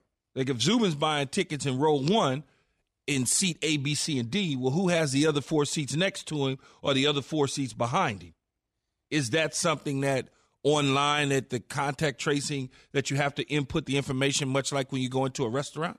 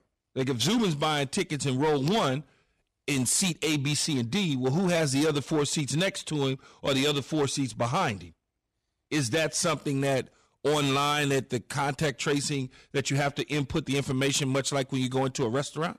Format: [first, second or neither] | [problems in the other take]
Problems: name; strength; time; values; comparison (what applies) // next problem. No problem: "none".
first | distortion; slight; 10% of the sound clipped